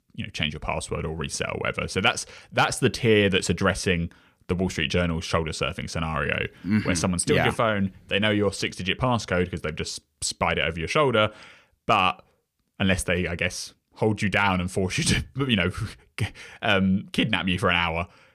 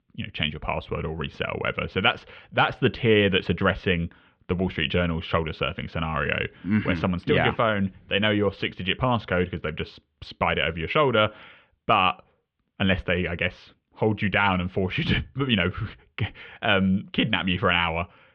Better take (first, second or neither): first